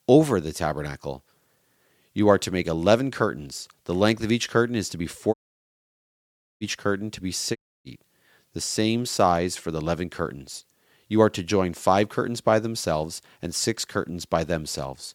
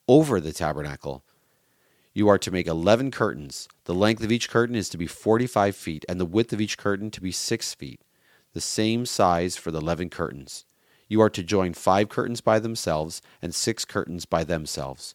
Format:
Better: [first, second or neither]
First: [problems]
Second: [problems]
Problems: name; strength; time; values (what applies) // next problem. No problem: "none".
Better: second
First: audio cutting out; at 5.5 s for 1.5 s and at 7.5 s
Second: none